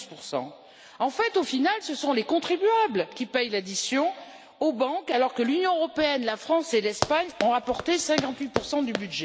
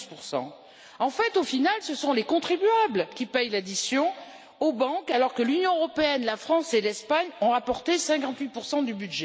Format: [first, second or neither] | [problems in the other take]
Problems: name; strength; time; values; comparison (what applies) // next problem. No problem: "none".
second | background sound (Run); 8 dB below the speech